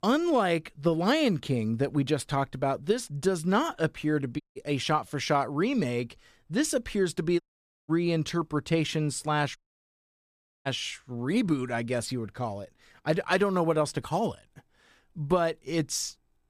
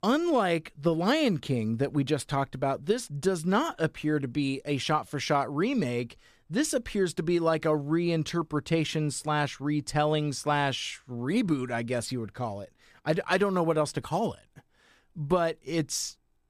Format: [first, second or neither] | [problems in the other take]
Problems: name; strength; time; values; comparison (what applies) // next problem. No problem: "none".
second | audio cutting out; at 4.5 s, at 7.5 s and at 9.5 s for 1 s